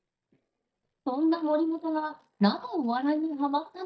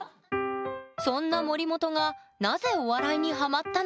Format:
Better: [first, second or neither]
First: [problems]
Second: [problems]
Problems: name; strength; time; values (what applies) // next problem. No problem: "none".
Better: second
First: noise reduction (neural mask model DeepFilterNet 3)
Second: none